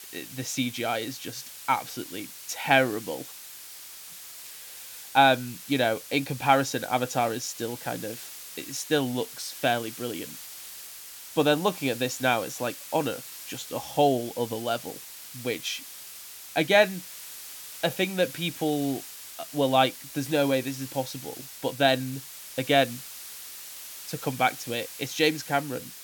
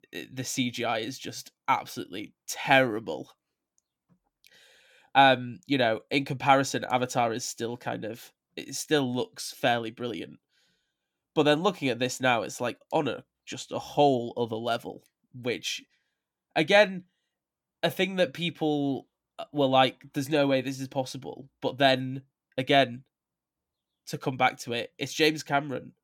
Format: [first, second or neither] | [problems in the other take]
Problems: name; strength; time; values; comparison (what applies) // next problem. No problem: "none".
second | hiss; noticeable; throughout; 15 dB below the speech